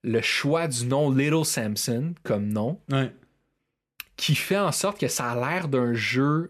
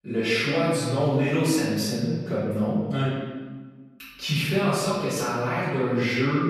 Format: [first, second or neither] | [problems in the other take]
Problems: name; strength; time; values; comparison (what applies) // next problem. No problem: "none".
first | off-mic speech; far // room echo; strong; dies away in 1.3 s